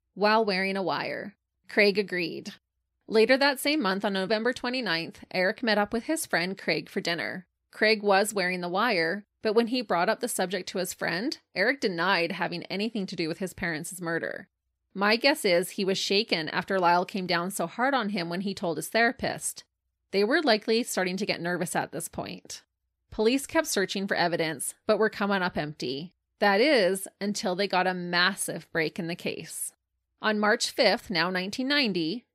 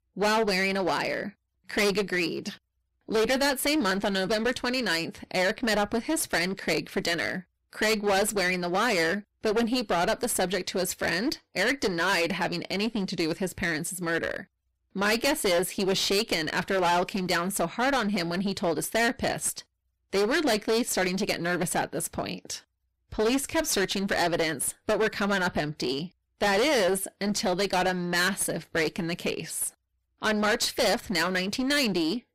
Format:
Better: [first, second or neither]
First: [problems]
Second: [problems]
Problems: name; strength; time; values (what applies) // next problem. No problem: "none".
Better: first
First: none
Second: distortion; heavy; 17% of the sound clipped